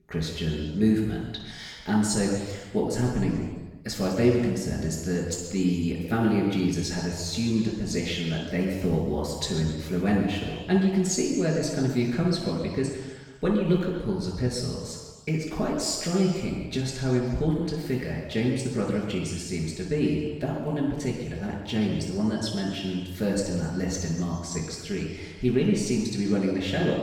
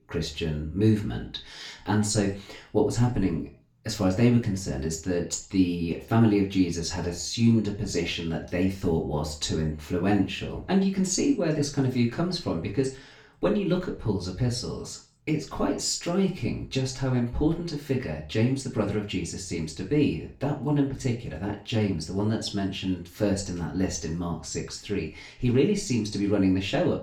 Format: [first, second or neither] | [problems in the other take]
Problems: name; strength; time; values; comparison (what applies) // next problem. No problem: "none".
second | room echo; strong; dies away in 1.3 s; slight in the second // off-mic speech; far; far in the second